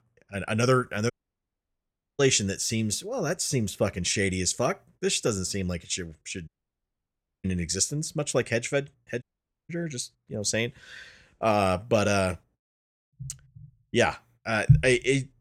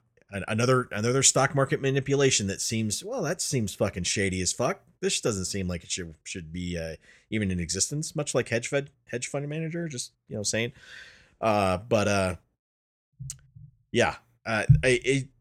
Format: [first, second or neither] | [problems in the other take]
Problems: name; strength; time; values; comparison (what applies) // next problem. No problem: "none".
second | audio cutting out; at 1 s for 1 s, at 6.5 s for 1 s and at 9 s